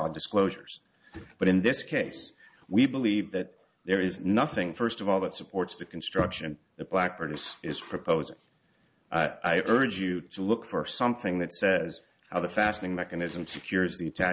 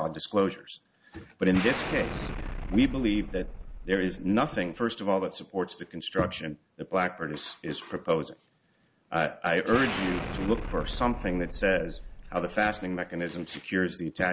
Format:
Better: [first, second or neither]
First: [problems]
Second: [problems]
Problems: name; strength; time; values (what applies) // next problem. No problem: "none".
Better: first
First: none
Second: background sound (Explosion); 7 dB below the speech